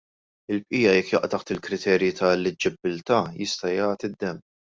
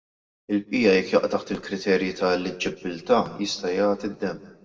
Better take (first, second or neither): first